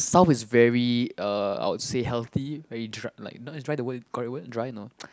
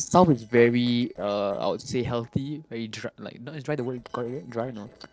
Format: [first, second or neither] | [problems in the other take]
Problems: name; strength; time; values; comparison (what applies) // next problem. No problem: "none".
first | noise reduction (neural separator model SepFormer DNS4)